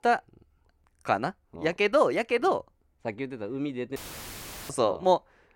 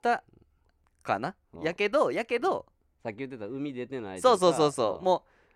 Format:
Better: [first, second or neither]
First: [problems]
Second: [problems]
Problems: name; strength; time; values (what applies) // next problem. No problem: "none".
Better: second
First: audio cutting out; filled with static; at 4 s for 0.5 s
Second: none